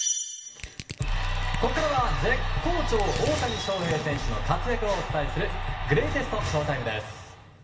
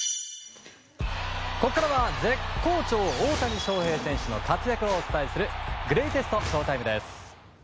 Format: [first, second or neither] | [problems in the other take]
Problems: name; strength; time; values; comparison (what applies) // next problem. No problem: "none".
second | background sound (Crushing); 15 dB below the speech // room echo; dies away in 0.7 s